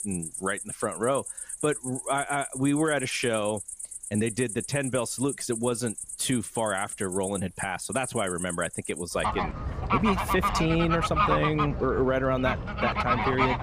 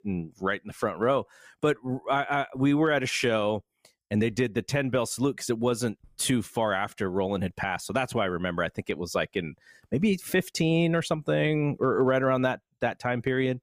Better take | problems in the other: second | animal sounds; loud; throughout; 3 dB below the speech

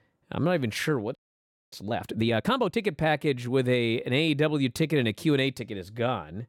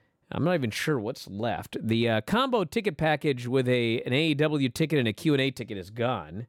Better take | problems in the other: second | audio freezing; at 1 s for 0.5 s

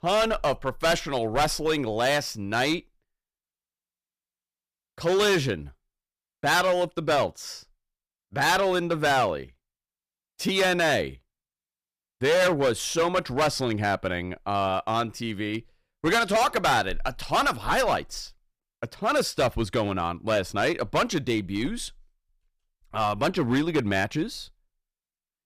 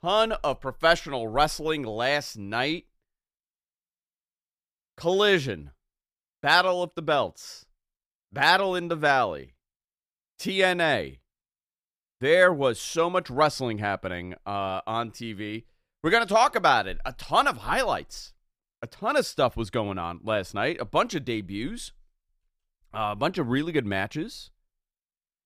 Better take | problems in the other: second | distortion; heavy; 8% of the sound clipped

